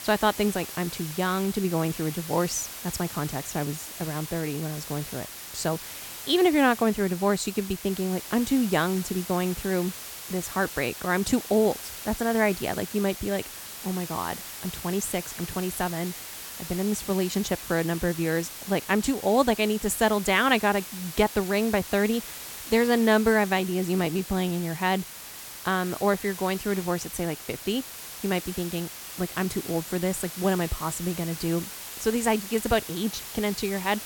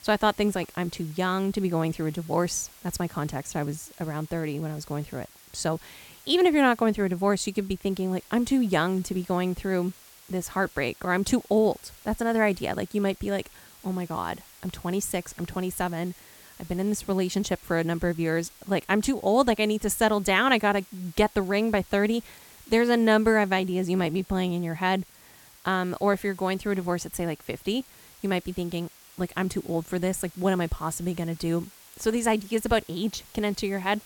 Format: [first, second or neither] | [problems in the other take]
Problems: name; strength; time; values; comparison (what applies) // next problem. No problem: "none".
second | hiss; loud; throughout; 10 dB below the speech; faint in the second